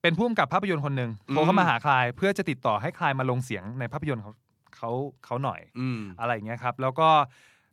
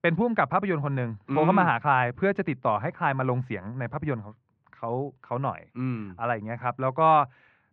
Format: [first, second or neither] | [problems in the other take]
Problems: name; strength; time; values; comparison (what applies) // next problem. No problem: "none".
first | muffled; very slightly; fading above 2 kHz